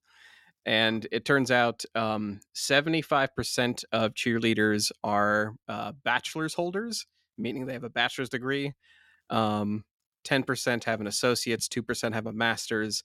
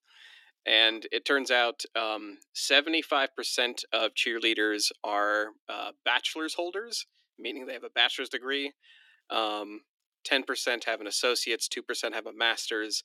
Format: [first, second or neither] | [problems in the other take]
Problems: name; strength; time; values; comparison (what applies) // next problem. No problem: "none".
first | thin; somewhat; fading below 300 Hz